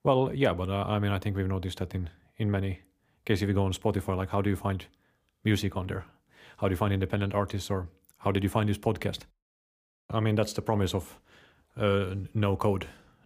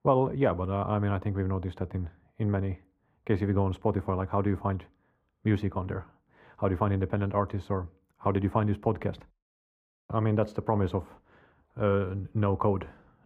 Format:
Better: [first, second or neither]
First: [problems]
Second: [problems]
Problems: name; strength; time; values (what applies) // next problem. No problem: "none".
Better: first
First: none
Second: muffled; very; fading above 3 kHz